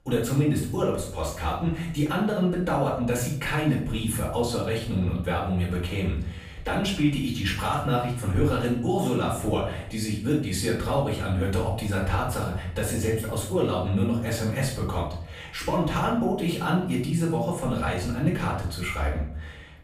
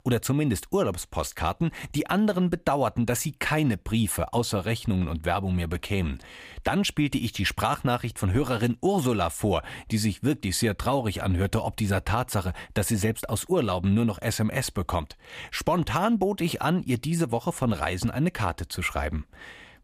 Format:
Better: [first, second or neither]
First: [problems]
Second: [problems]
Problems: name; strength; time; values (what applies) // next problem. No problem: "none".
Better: second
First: off-mic speech; far // room echo; noticeable; dies away in 0.6 s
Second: none